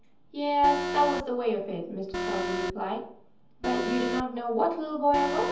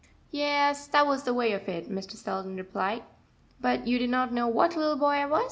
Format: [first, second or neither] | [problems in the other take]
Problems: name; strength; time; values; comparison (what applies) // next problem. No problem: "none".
second | background sound (Alarm); 6 dB below the speech // room echo; dies away in 0.7 s